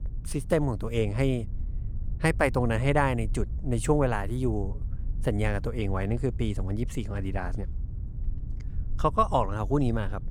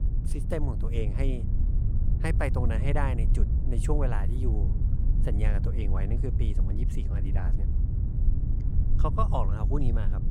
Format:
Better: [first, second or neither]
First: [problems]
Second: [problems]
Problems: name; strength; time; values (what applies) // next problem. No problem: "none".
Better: first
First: low rumble; faint; throughout; 25 dB below the speech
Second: low rumble; loud; throughout; 8 dB below the speech